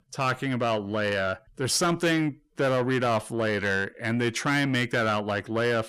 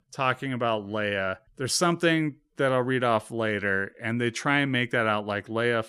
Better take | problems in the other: second | distortion; slight; 10 dB below the speech

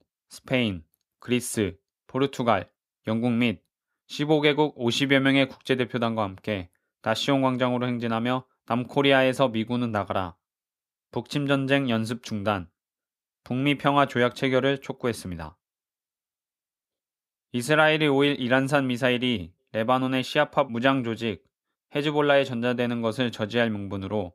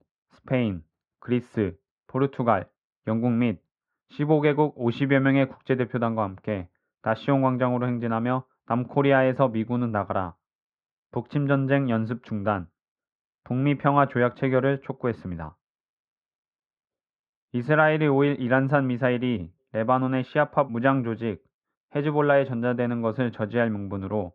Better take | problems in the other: first | muffled; very; fading above 1.5 kHz

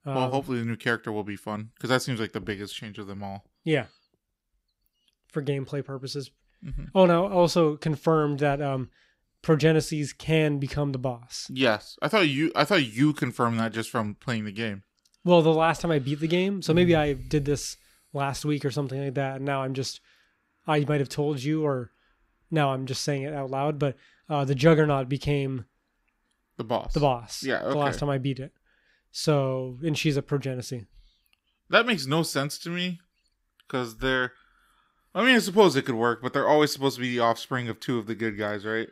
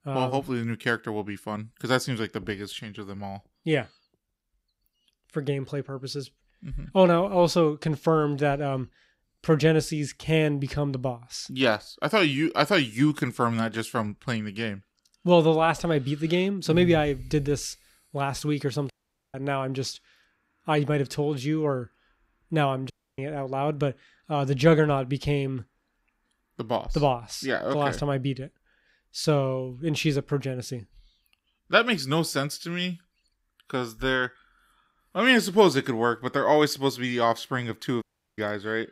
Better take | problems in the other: first | audio cutting out; at 19 s, at 23 s and at 38 s

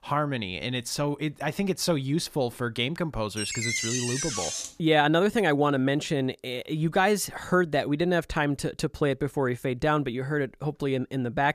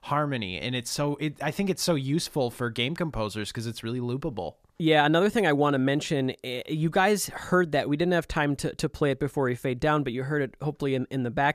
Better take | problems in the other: second | door banging; noticeable; from 3.5 to 4.5 s; peak level with the speech

